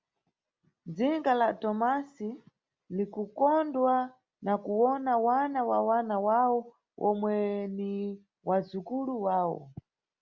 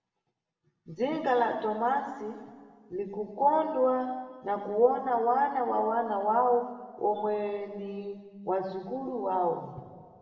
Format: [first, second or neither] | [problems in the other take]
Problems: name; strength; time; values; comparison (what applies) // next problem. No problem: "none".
first | room echo; dies away in 1.8 s